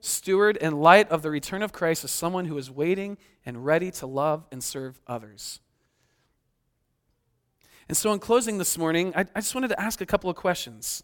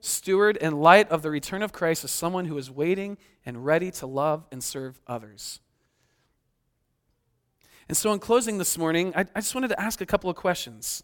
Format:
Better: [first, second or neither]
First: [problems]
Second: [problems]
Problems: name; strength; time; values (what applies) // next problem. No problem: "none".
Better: neither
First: none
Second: none